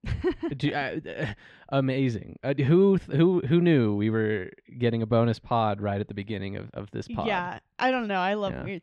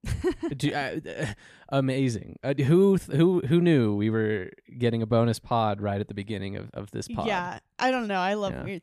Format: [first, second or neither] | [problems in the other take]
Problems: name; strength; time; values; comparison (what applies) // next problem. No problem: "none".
second | muffled; very slightly; fading above 3 kHz